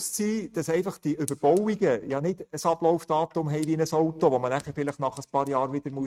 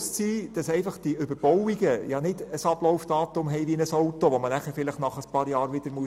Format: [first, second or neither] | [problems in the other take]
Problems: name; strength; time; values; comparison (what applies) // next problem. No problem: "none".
second | noise reduction (neural mask model RNNoise)